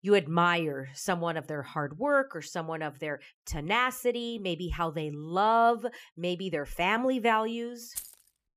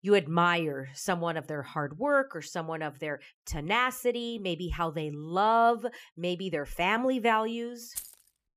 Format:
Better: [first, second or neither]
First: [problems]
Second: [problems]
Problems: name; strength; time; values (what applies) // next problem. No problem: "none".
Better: neither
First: jangling keys; faint; at 8 s; peak 10 dB below the speech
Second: jangling keys; faint; at 8 s; peak 10 dB below the speech